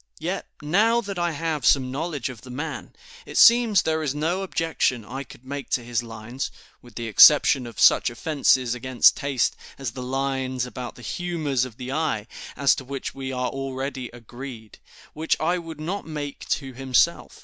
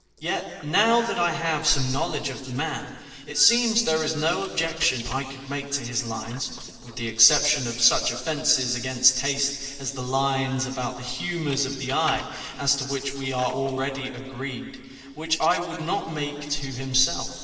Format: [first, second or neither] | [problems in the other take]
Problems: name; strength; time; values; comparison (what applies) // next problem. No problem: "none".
first | noise reduction (neural separator model SepFormer DNS4)